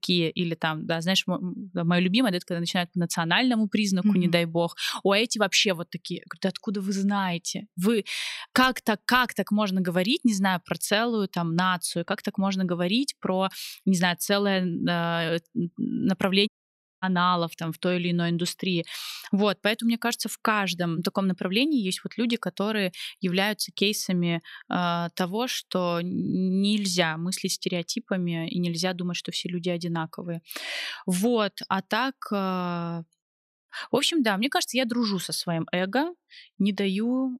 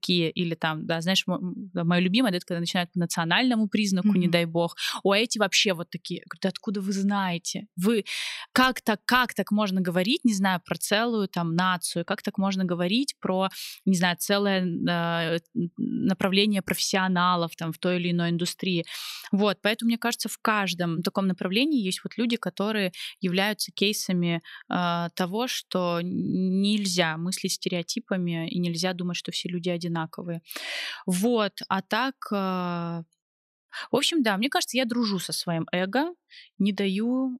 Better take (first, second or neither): second